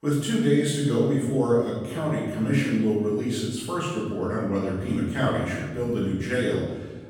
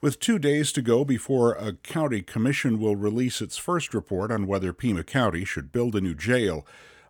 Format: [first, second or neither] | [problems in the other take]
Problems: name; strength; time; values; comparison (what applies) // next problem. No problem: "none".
second | off-mic speech; far // room echo; noticeable; dies away in 1.2 s